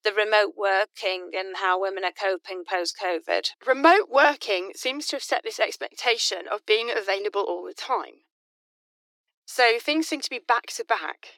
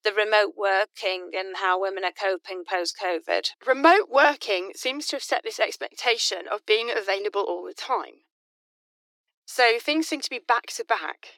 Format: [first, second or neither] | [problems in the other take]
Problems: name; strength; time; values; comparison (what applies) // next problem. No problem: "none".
neither | thin; very; fading below 300 Hz; the same in both